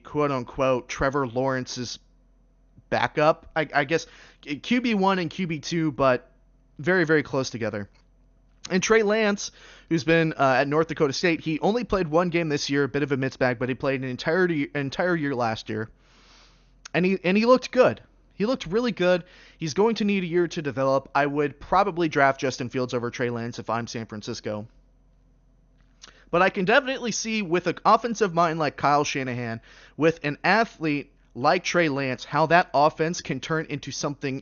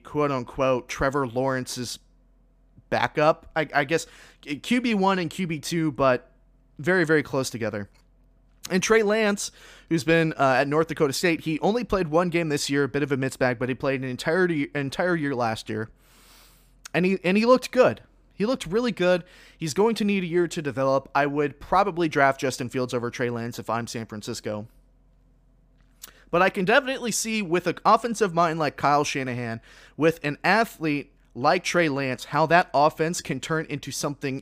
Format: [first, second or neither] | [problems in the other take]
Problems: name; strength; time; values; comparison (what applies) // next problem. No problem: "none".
second | garbled, watery; slightly; nothing above 6.5 kHz